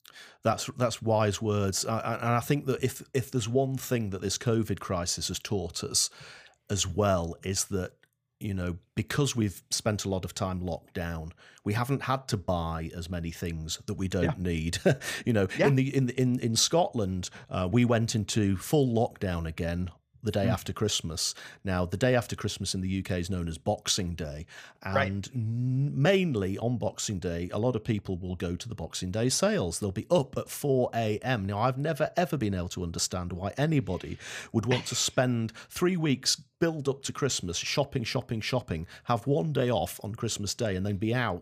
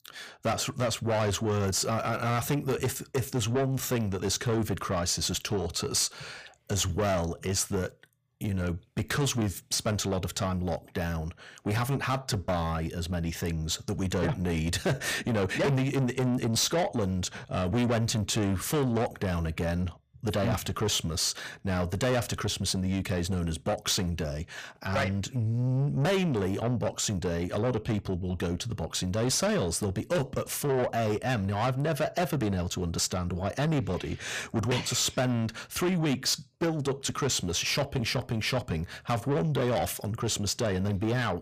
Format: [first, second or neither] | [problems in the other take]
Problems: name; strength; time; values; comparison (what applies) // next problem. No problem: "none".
first | distortion; heavy; 7 dB below the speech